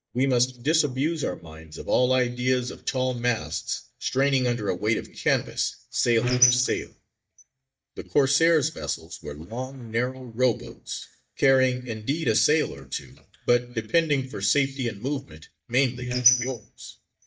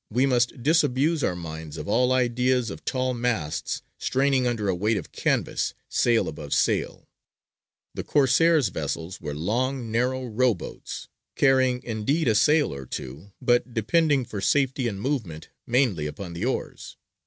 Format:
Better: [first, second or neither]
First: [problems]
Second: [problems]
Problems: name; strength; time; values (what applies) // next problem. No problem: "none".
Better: second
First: noise reduction (neural mask model DeepFilterNet 3)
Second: none